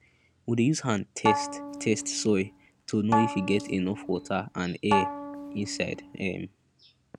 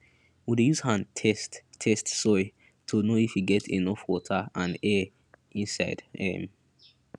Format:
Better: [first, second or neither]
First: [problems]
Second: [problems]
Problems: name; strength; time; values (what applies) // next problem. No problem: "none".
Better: second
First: background sound (Bowed string instrument); 4 dB below the speech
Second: none